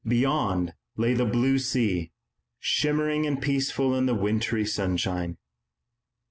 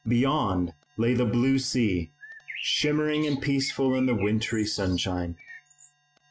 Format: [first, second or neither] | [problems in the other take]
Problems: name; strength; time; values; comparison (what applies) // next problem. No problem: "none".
first | noise reduction (classical method log-MMSE)